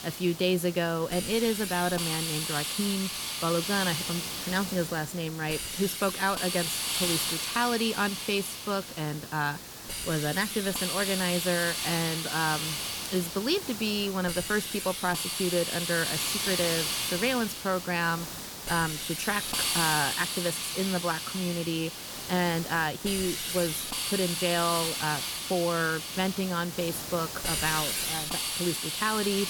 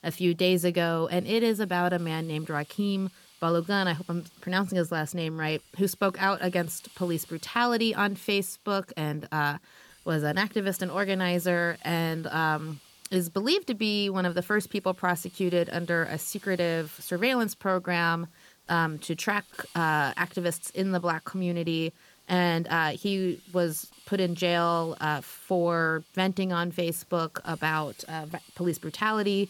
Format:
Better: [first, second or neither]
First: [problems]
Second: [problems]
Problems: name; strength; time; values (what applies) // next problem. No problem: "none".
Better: second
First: hiss; loud; throughout; 1 dB below the speech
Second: hiss; faint; throughout; 25 dB below the speech